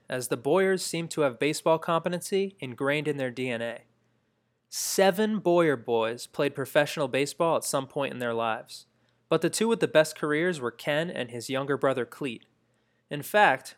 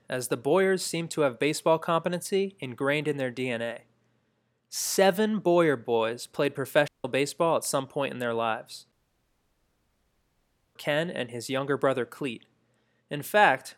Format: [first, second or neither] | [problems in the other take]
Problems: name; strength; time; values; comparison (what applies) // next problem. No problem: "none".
first | audio cutting out; at 7 s and at 9 s for 2 s